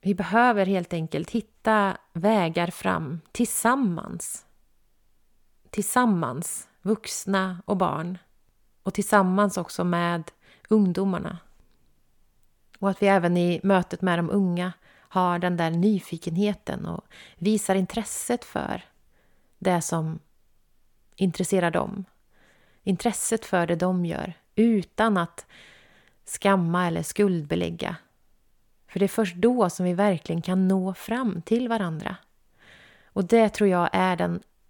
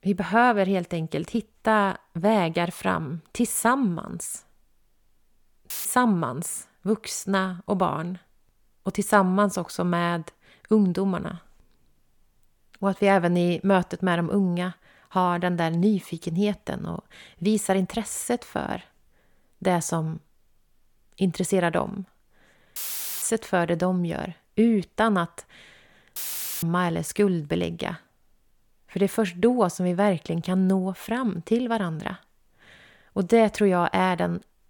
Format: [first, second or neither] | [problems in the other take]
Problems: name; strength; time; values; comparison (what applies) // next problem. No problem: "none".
first | audio cutting out; filled with static; at 5.5 s, at 23 s and at 26 s